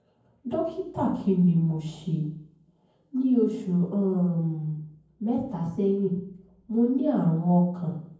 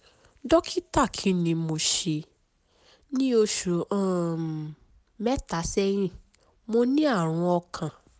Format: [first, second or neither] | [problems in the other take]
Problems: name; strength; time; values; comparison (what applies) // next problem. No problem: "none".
second | room echo; dies away in 0.9 s